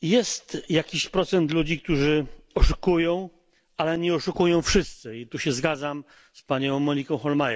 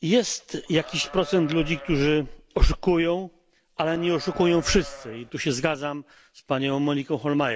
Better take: first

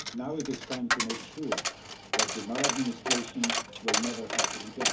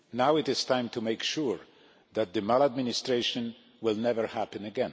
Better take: second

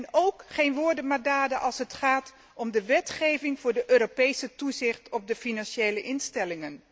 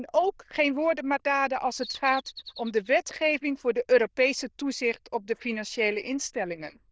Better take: first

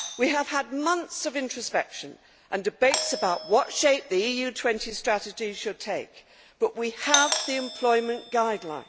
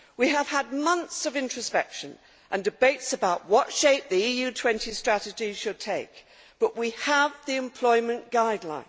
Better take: second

